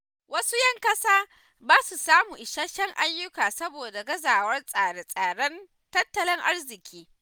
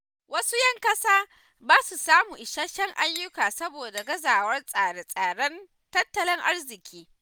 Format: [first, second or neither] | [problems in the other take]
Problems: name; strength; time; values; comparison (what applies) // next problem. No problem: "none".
first | background sound (Cutlery, silverware / Dishes, pots, and pans); 20 dB below the speech